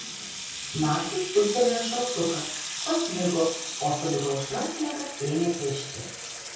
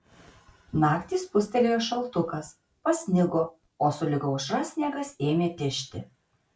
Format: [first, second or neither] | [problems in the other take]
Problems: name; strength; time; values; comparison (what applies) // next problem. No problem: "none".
second | background sound (Sink (filling or washing) / Water tap, faucet); 7 dB below the speech // room echo; dies away in 0.6 s